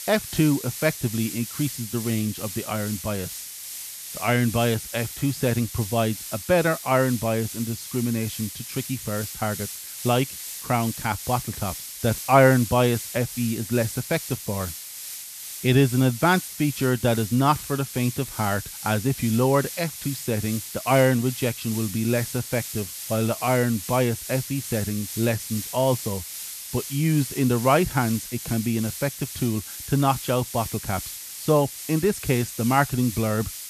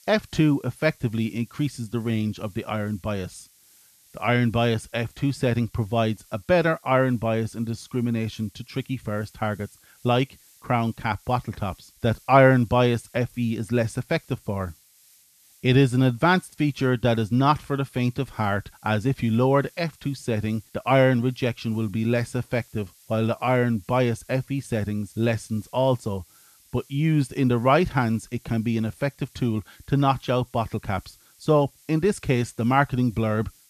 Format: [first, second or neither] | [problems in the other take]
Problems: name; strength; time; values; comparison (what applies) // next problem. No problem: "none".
second | hiss; loud; throughout; 9 dB below the speech; faint in the second